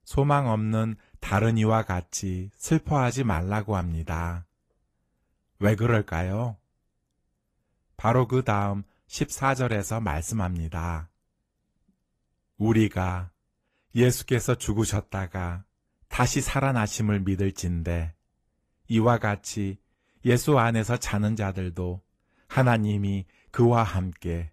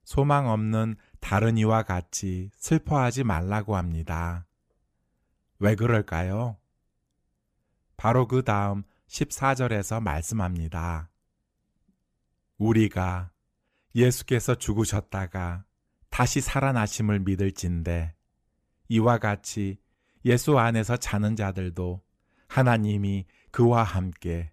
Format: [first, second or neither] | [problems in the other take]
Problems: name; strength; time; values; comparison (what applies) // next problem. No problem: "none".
second | garbled, watery; slightly; nothing above 14.5 kHz